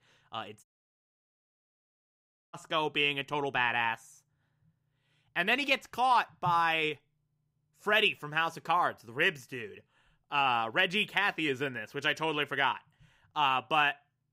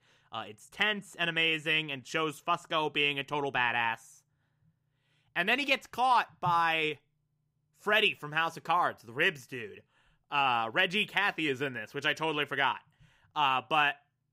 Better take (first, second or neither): second